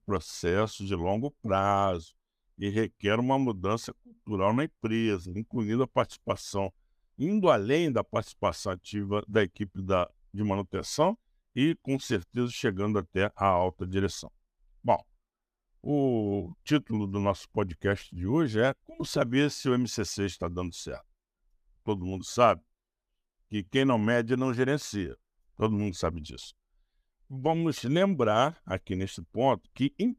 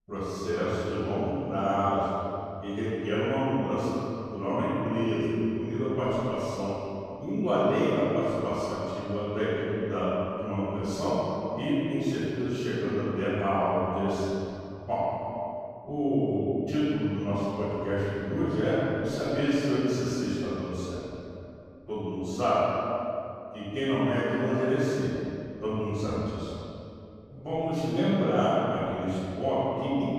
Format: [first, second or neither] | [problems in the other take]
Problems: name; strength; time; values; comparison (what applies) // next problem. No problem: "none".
first | room echo; strong; dies away in 2.4 s // off-mic speech; far